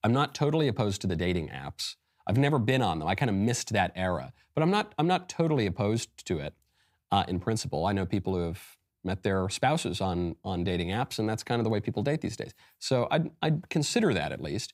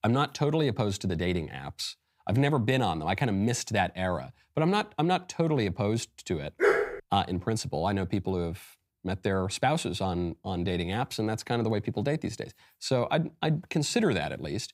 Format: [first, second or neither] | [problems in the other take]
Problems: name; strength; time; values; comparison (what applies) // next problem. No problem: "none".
first | dog barking; loud; at 6.5 s; peak 4 dB above the speech